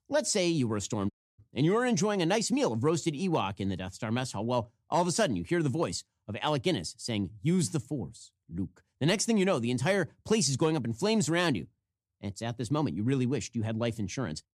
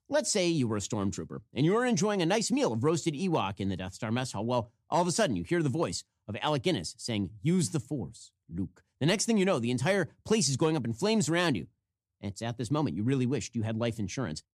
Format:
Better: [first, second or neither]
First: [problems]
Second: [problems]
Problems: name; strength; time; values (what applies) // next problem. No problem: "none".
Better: second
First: audio cutting out; at 1 s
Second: none